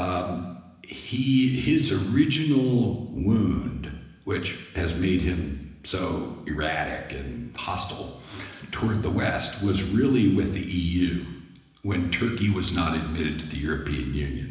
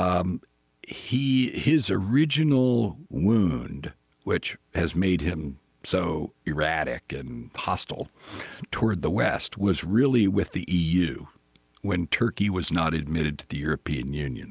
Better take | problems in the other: second | room echo; dies away in 1 s

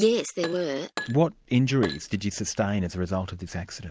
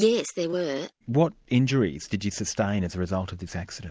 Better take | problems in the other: second | background sound (Glass); 14 dB below the speech

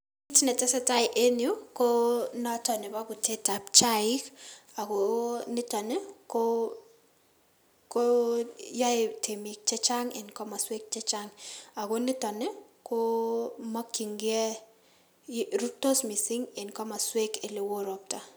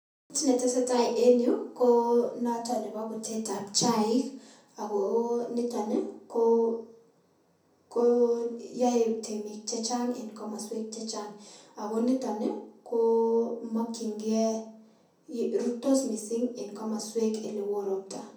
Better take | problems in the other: first | room echo; dies away in 0.6 s

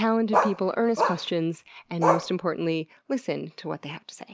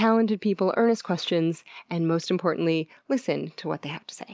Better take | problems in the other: second | background sound (Bark); as loud as the speech

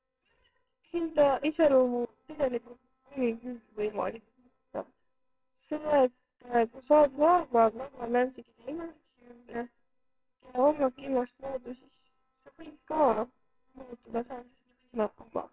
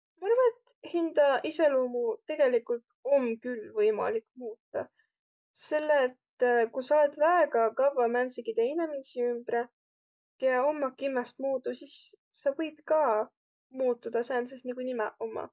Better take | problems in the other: second | noise reduction (neural separator model SepFormer WHAMR!)

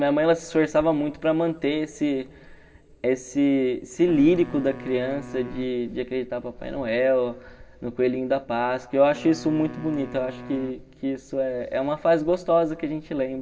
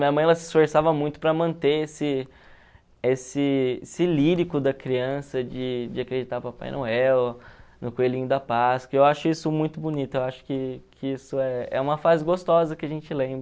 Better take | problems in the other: second | background sound (Wind instrument, woodwind instrument); 17 dB below the speech // room echo; dies away in 2 s

